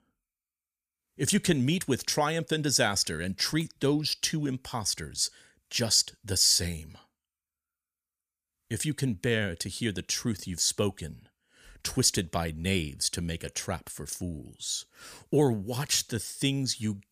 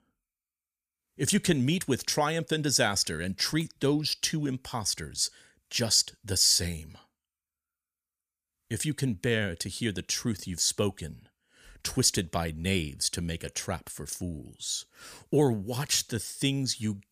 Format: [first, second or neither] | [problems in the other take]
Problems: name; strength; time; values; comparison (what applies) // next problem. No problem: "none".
neither | none